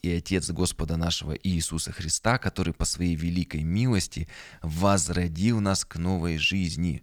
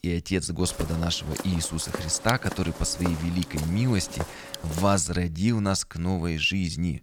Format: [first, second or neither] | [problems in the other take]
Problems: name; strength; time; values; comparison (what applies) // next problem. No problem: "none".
first | footsteps; noticeable; from 0.5 to 5 s; peak 8 dB below the speech